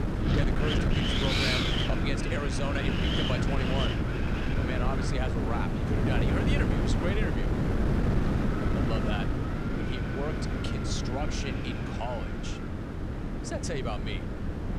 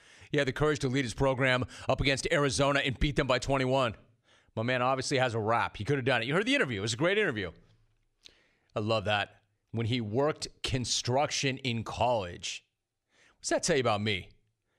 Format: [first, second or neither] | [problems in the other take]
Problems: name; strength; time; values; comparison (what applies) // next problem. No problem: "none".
second | wind noise on the microphone; heavy; 3 dB above the speech